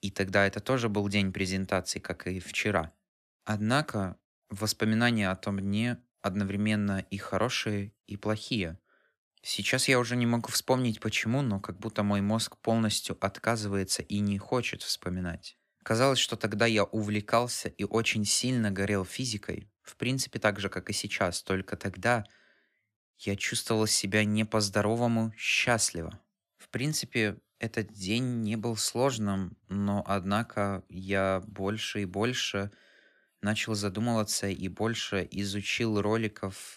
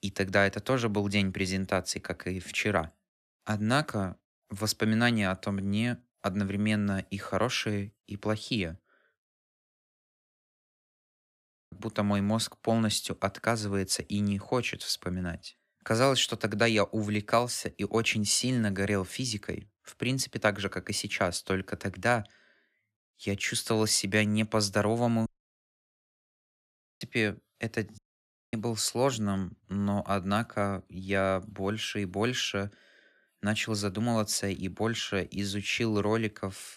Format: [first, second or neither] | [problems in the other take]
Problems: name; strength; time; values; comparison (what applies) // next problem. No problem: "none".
first | audio cutting out; at 9 s for 2.5 s, at 25 s for 2 s and at 28 s for 0.5 s